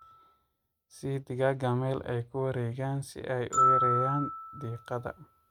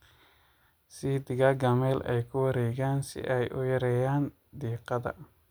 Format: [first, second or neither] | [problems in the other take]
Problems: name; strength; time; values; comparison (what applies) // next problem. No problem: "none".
second | noise reduction (neural mask model RNNoise)